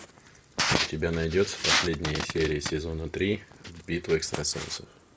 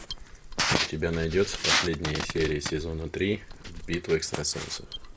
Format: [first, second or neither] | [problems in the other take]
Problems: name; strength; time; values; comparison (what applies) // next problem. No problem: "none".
first | background sound (Mechanisms); 15 dB below the speech